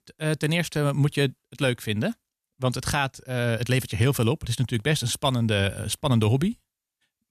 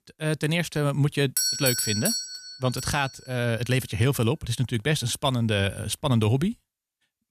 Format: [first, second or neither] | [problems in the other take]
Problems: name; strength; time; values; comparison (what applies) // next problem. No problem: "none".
first | doorbell; loud; from 1.5 to 3 s; peak 3 dB above the speech